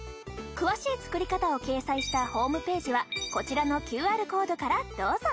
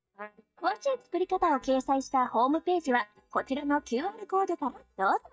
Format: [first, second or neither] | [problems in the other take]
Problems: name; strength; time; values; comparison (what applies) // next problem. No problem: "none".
first | noise reduction (neural mask model DeepFilterNet 3)